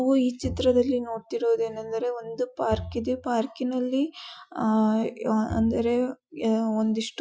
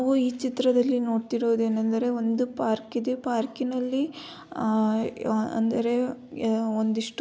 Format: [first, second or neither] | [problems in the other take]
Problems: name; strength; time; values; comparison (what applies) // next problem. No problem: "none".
second | noise reduction (classical method Wiener filter)